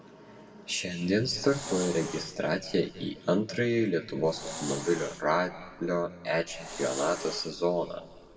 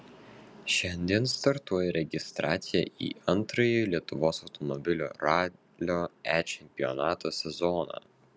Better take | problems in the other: second | background sound (Hiss); 12 dB below the speech // room echo; dies away in 1.6 s

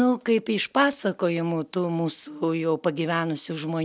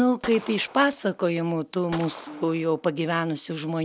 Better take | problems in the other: first | background sound (Gunshot, gunfire); 18 dB below the speech

